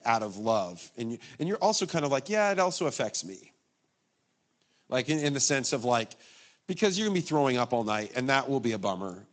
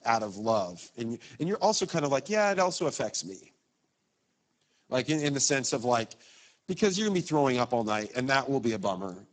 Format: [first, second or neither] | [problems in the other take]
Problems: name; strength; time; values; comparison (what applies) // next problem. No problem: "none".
first | garbled, watery; badly; nothing above 7.5 kHz; slightly in the first